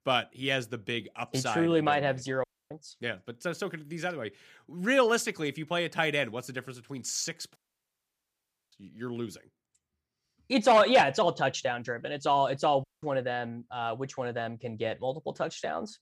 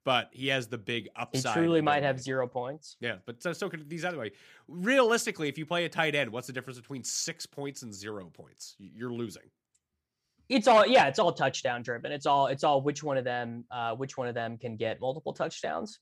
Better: second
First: audio cutting out; at 2.5 s, at 7.5 s for 1 s and at 13 s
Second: none

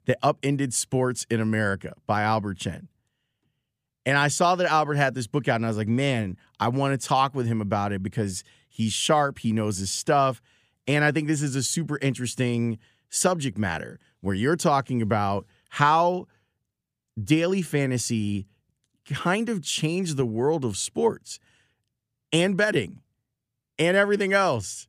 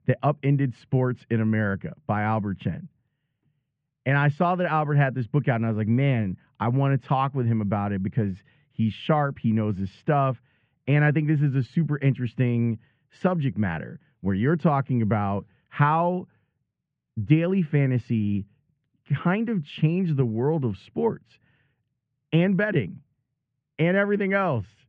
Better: first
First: none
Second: muffled; very; fading above 2.5 kHz

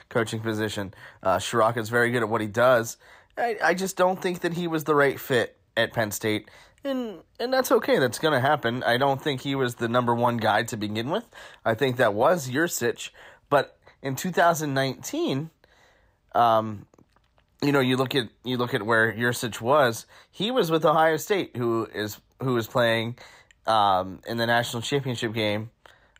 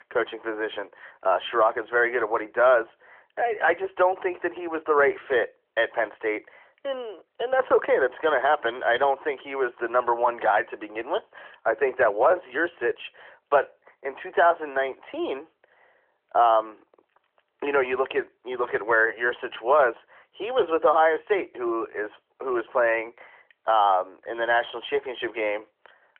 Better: first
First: none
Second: phone-call audio; nothing above 3.5 kHz

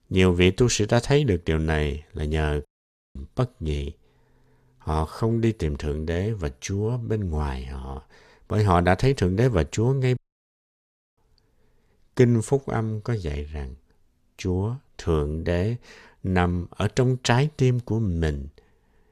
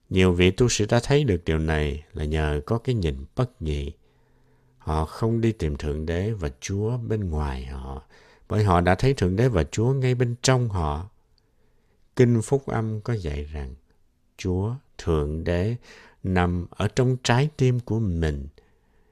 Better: second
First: audio cutting out; at 2.5 s for 0.5 s and at 10 s for 1 s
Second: none

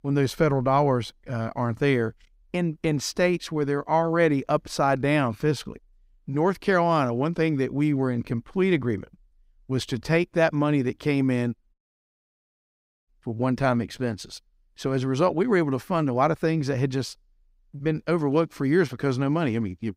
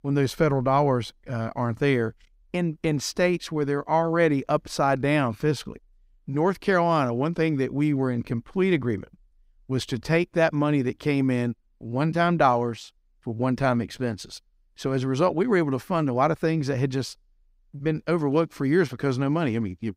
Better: second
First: audio cutting out; at 12 s for 1.5 s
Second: none

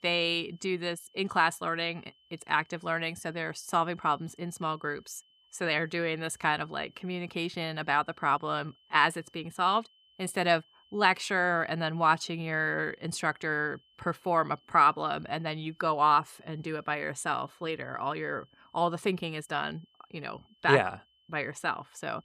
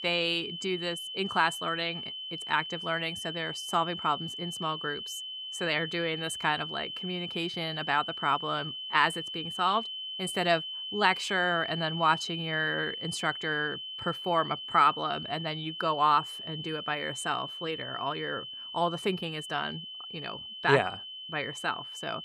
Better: first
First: high-pitched whine; faint; throughout; 3 kHz, 35 dB below the speech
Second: high-pitched whine; loud; throughout; 3 kHz, 6 dB below the speech

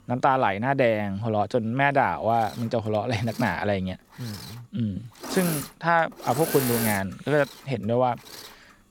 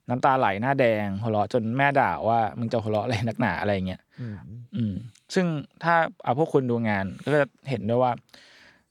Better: second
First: machinery noise; loud; throughout; 9 dB below the speech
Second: none

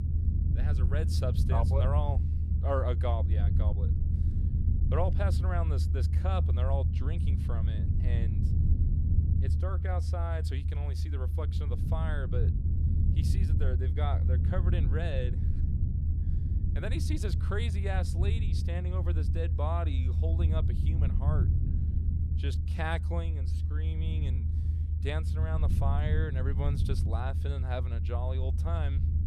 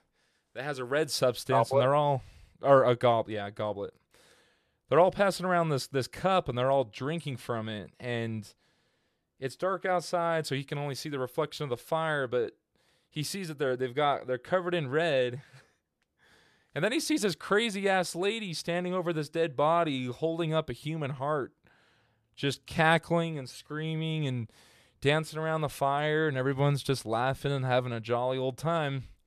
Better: second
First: low rumble; loud; throughout; 5 dB below the speech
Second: none

